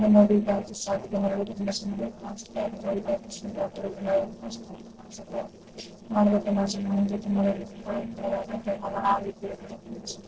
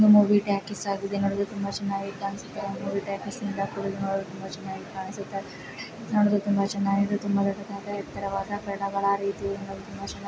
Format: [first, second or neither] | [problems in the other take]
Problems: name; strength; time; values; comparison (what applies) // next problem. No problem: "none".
second | noise reduction (neural separator model SepFormer DNS4)